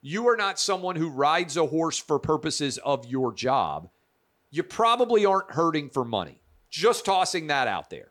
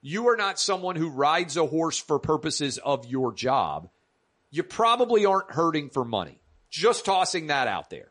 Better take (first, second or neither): first